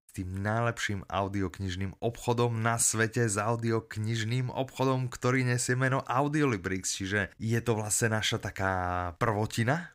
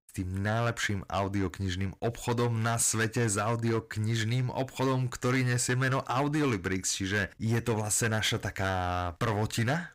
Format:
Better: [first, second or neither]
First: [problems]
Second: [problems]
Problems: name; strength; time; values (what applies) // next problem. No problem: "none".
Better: first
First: none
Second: distortion; slight; 11% of the sound clipped